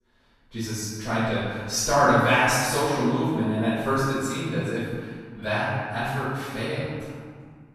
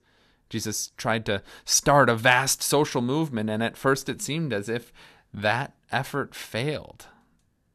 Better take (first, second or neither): second